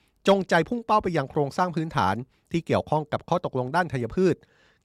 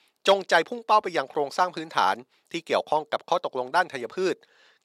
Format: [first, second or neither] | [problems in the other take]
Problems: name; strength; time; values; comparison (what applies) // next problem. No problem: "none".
first | thin; somewhat; fading below 450 Hz